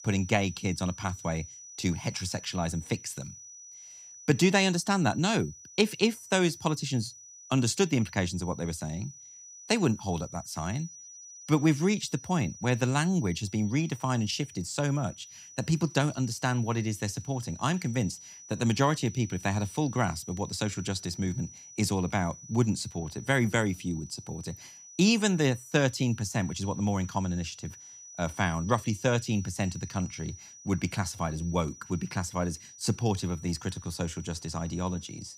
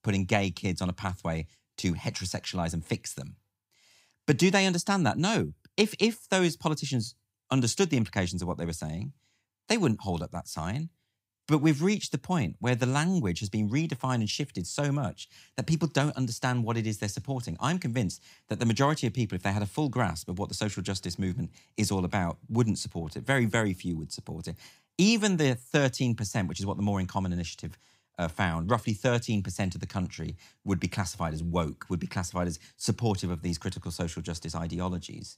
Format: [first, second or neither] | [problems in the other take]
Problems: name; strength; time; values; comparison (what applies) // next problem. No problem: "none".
second | high-pitched whine; noticeable; throughout; 6 kHz, 15 dB below the speech